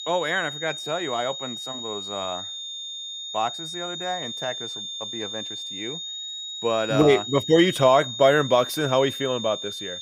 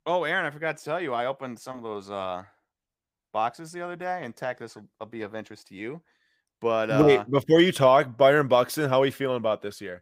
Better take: second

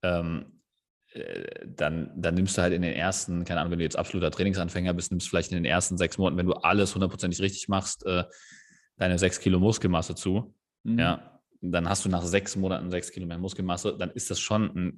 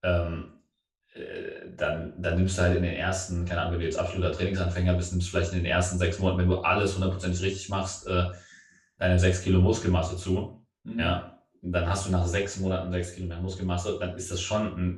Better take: first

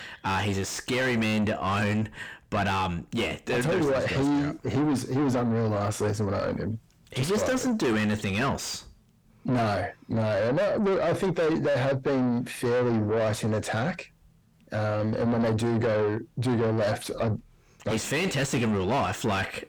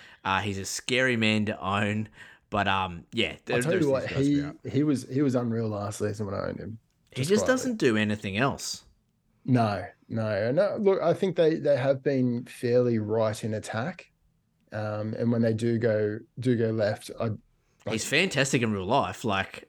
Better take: second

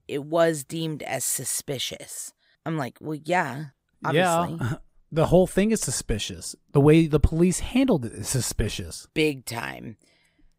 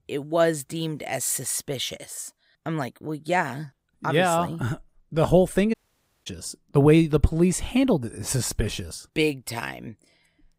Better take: first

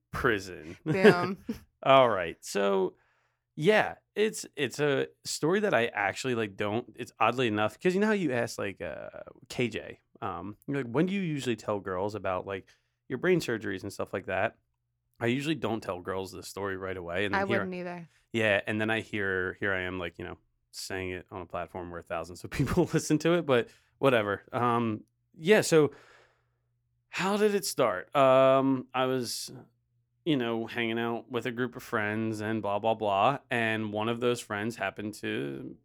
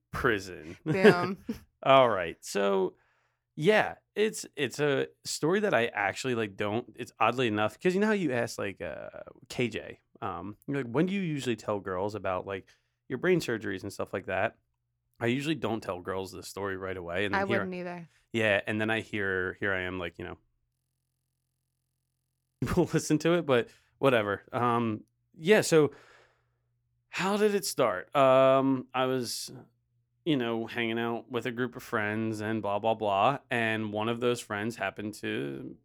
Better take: first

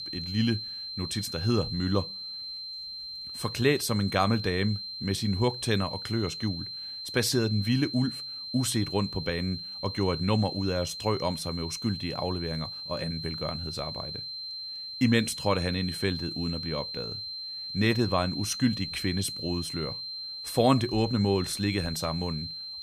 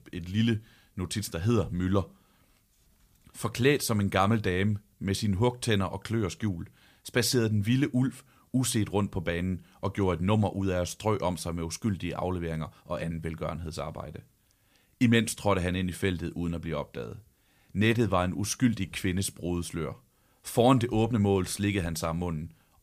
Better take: second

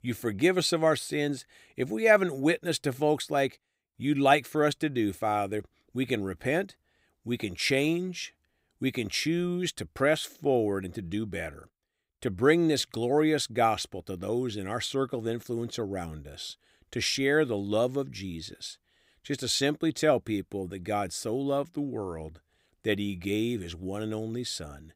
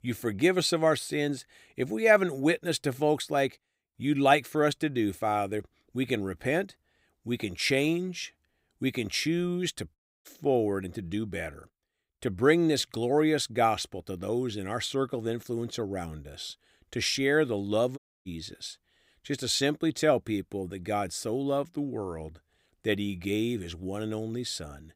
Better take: first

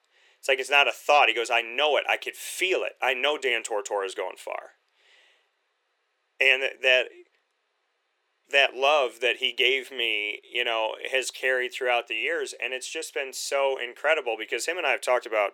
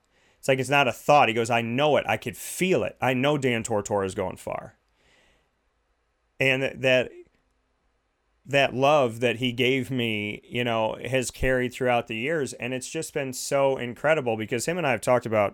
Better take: second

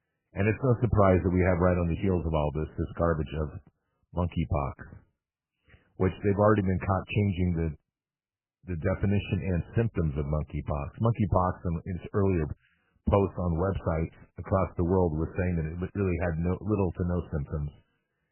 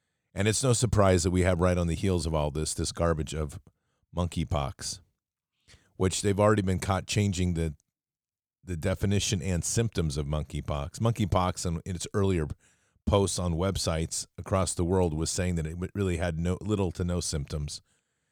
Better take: second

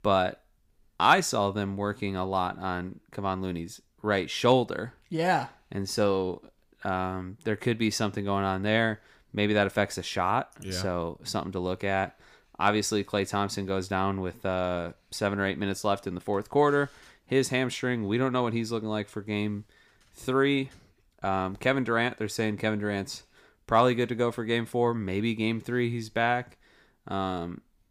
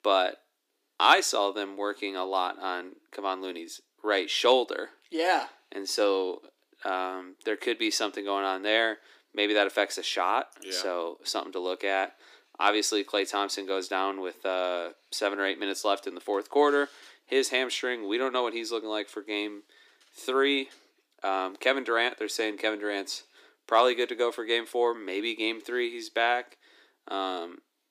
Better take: first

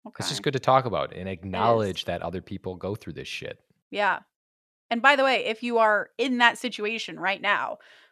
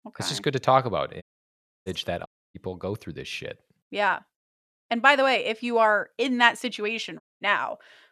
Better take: first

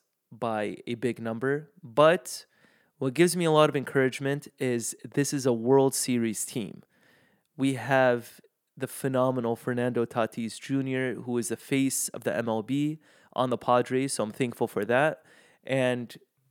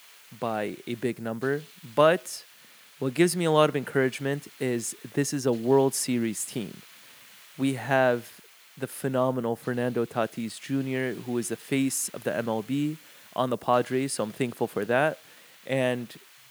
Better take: first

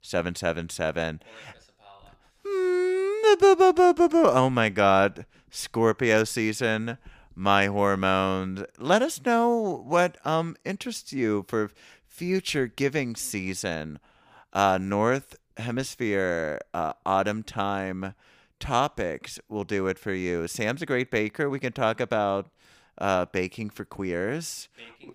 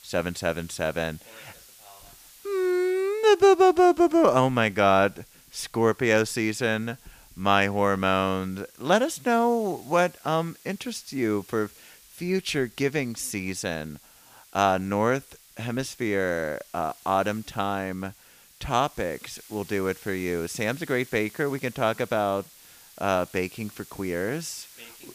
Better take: first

